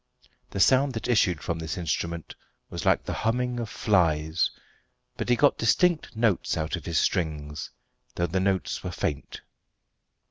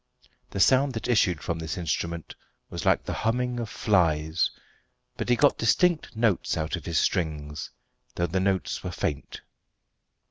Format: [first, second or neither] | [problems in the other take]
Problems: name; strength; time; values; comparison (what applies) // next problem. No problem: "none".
first | background sound (Computer keyboard); 19 dB below the speech